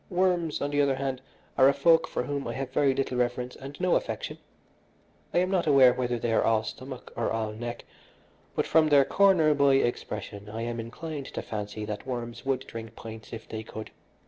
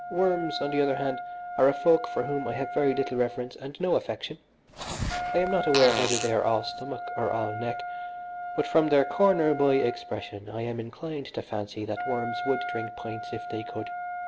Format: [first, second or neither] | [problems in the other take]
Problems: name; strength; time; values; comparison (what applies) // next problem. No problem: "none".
first | background sound (Wind instrument, woodwind instrument + Fart); 7 dB below the speech